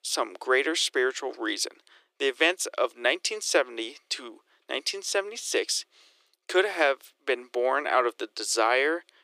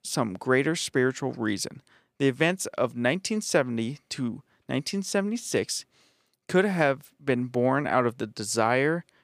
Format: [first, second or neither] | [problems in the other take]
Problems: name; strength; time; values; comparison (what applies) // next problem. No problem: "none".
second | thin; very; fading below 350 Hz